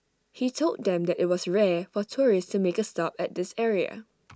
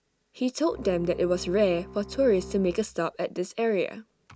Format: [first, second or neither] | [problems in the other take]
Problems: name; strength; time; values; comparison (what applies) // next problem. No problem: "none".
first | background sound (Bowed string instrument); 16 dB below the speech